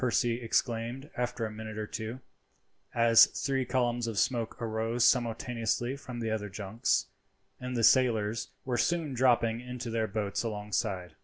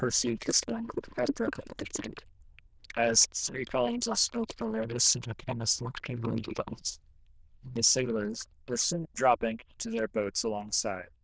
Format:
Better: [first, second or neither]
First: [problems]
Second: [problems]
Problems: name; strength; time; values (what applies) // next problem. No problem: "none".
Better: first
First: none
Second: noise reduction (neural diffusion model UNIVERSE++)